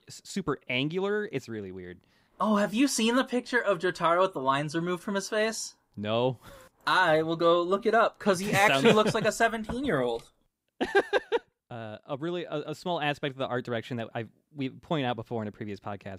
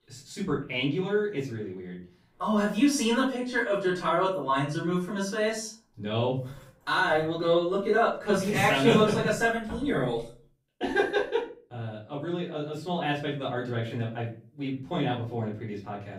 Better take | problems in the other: first | off-mic speech; far // room echo; slight; dies away in 0.3 s

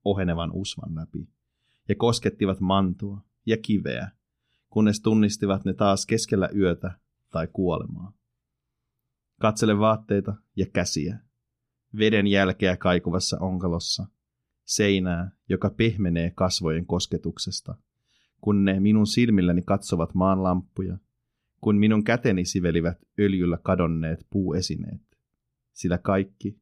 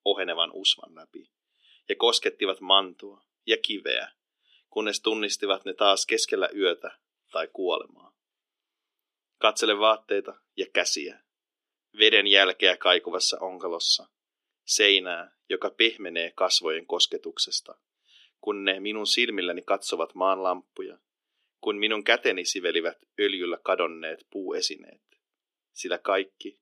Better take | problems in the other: first | thin; very; fading below 350 Hz

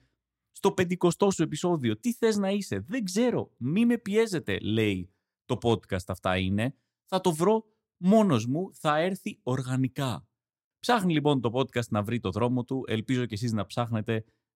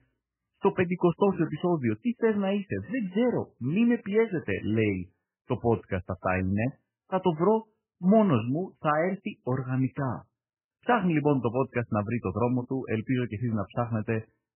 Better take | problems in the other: first | garbled, watery; badly; nothing above 3 kHz

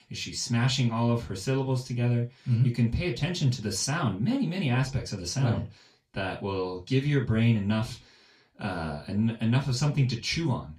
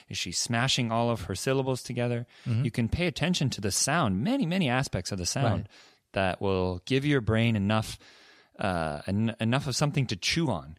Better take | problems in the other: second | room echo; slight; dies away in 0.2 s // off-mic speech; far

